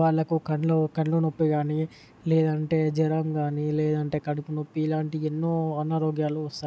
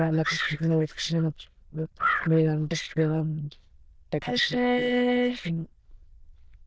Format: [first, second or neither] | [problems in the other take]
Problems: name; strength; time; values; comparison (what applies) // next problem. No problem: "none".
first | noise reduction (neural diffusion model UNIVERSE++)